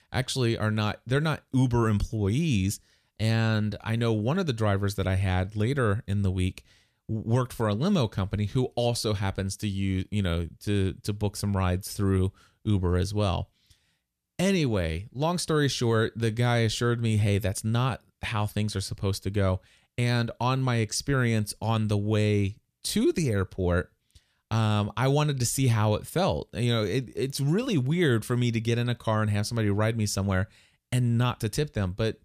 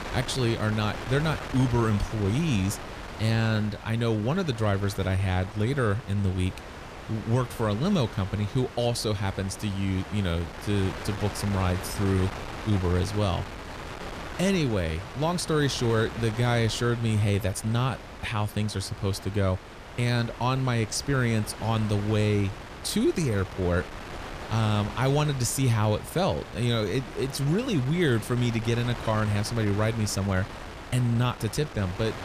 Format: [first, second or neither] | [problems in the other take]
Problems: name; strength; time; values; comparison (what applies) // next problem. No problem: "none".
first | wind noise on the microphone; heavy; 8 dB below the speech